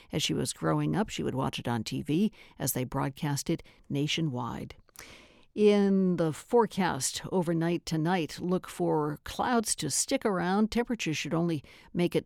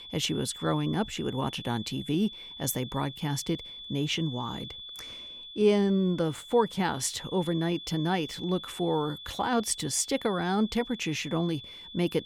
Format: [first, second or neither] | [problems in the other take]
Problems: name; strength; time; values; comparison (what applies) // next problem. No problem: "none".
first | high-pitched whine; noticeable; throughout; 3.5 kHz, 10 dB below the speech